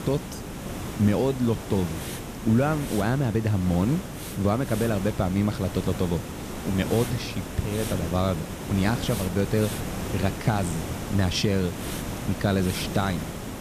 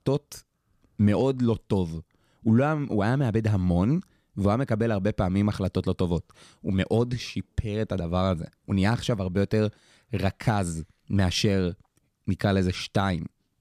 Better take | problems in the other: second | hiss; loud; throughout; 7 dB below the speech

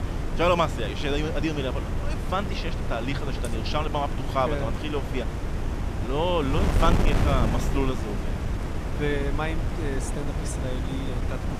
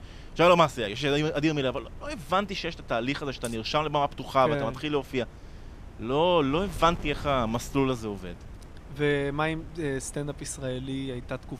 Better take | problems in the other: second | wind noise on the microphone; heavy; 6 dB below the speech; occasional gusts in the second

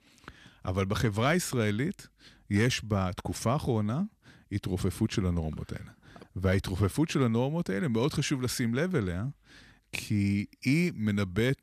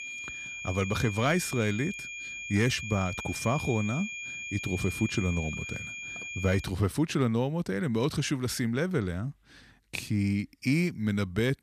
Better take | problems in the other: first | high-pitched whine; loud; until 6.5 s; 2.5 kHz, 7 dB below the speech

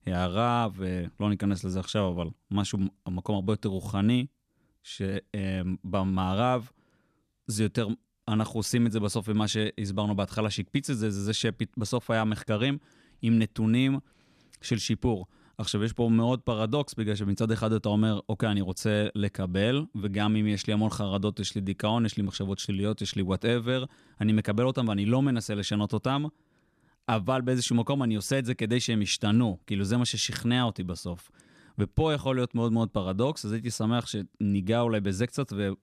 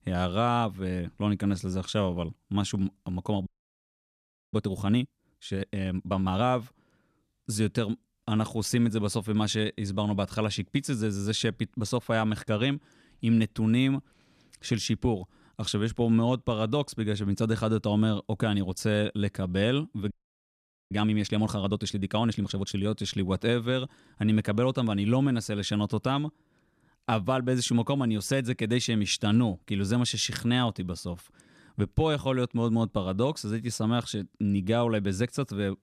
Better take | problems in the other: first | audio freezing; at 3.5 s for 1 s and at 20 s for 1 s

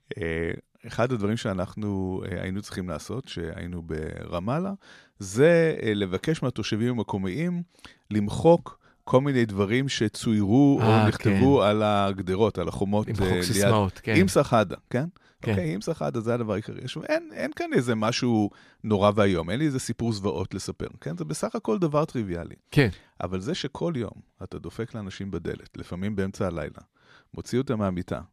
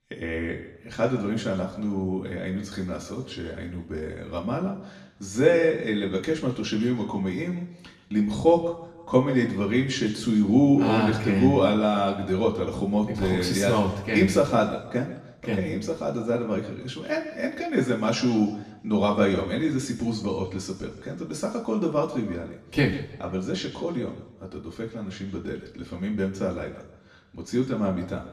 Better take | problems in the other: first | room echo; slight; dies away in 0.9 s // off-mic speech; far

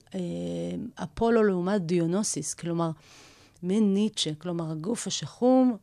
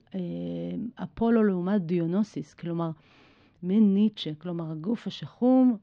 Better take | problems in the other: first | muffled; slightly; fading above 3.5 kHz

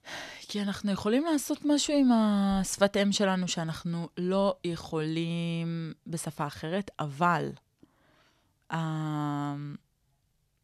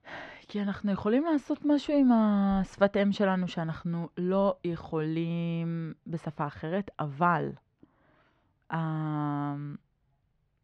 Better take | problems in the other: first | muffled; very; fading above 2 kHz

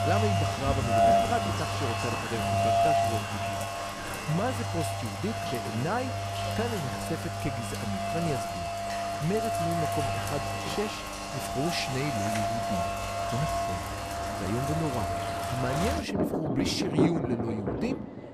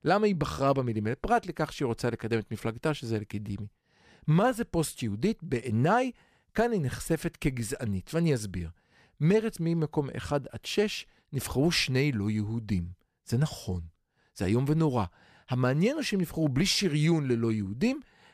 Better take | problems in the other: second | rain or running water; very loud; throughout; 4 dB above the speech

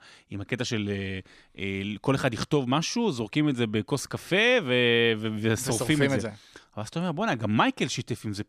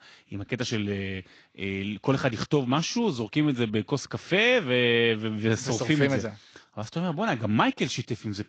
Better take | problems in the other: first | garbled, watery; slightly

